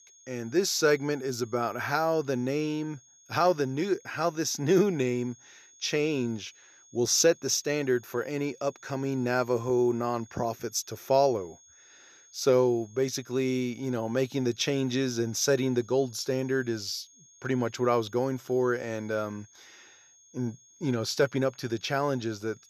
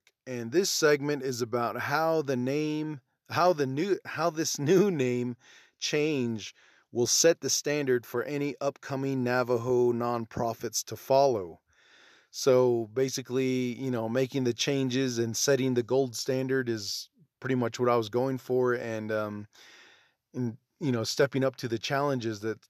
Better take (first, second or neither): second